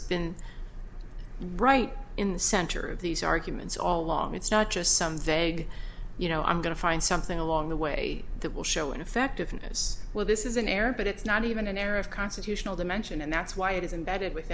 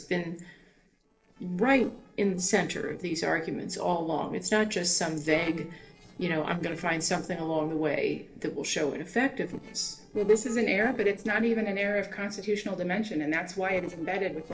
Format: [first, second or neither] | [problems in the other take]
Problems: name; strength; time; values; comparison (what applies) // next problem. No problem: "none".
first | noise reduction (neural separator model SepFormer DNS4)